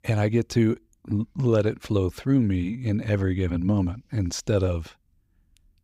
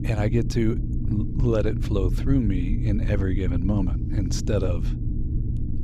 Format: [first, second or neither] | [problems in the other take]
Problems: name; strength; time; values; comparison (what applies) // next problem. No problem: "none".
first | low rumble; loud; throughout; 9 dB below the speech